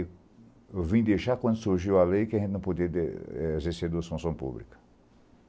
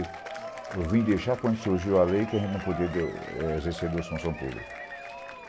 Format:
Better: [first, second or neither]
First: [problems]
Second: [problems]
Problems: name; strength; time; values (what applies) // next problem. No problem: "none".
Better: first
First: none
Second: background sound (Applause / Crowd / Cheering); 11 dB below the speech